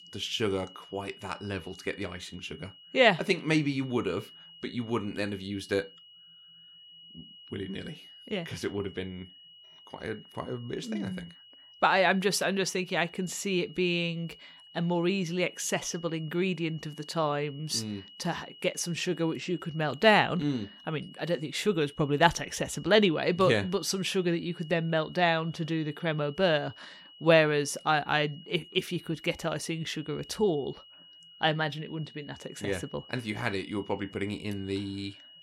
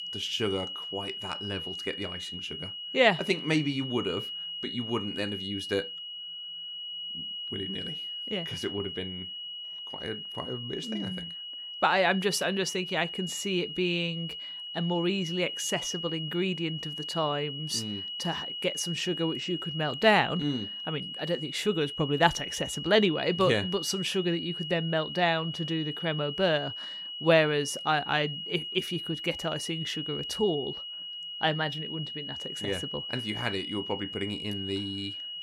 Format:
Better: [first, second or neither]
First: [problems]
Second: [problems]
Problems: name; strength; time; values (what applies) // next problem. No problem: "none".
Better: first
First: high-pitched whine; faint; throughout; 3 kHz, 20 dB below the speech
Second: high-pitched whine; loud; throughout; 3 kHz, 6 dB below the speech